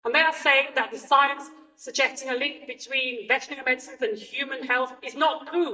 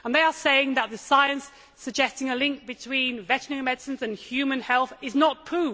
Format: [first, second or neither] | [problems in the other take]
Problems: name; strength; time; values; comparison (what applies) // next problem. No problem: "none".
second | noise reduction (neural mask model DeepFilterNet 3)